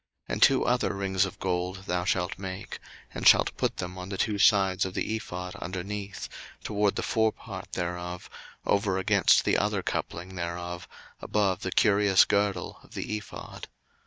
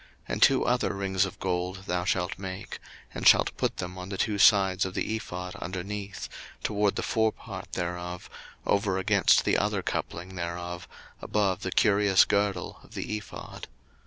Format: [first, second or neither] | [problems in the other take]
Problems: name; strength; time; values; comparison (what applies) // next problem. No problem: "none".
second | noise reduction (neural mask model DeepFilterNet 3)